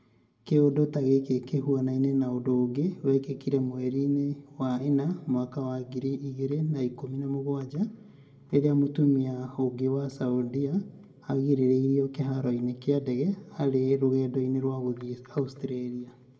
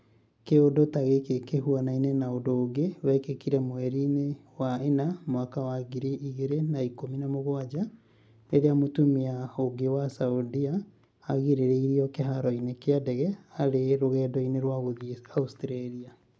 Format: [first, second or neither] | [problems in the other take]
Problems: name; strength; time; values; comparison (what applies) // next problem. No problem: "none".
second | room echo; dies away in 1.8 s